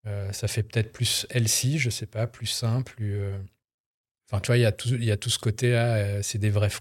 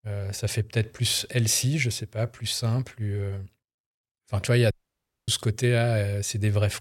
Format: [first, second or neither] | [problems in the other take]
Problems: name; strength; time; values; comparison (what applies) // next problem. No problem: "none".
first | audio cutting out; at 4.5 s for 0.5 s